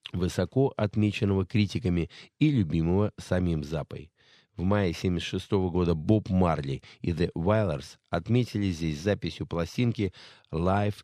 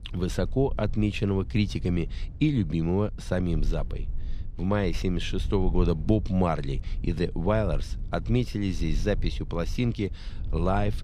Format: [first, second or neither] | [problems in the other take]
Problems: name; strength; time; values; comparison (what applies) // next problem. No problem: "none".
first | low rumble; faint; throughout; 20 dB below the speech